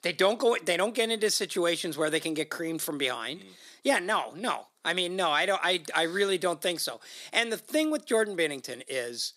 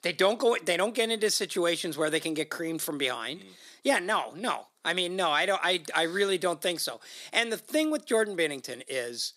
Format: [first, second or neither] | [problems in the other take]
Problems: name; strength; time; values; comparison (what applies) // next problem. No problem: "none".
neither | thin; somewhat; fading below 300 Hz; the same in both